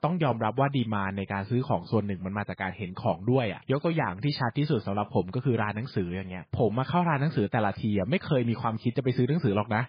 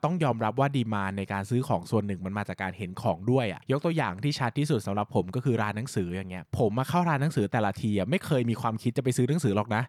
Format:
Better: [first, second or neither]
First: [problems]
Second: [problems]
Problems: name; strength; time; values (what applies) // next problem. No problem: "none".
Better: second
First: garbled, watery; badly; nothing above 5 kHz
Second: none